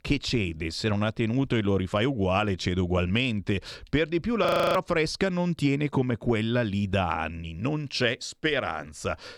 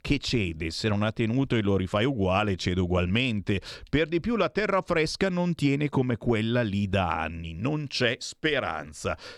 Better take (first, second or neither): second